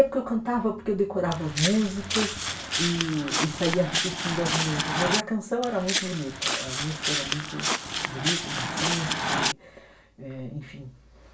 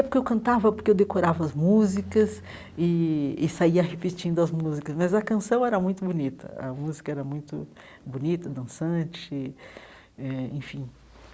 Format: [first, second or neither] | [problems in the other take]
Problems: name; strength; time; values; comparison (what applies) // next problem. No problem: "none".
second | background sound (Walk, footsteps); as loud as the speech // room echo; dies away in 0.2 s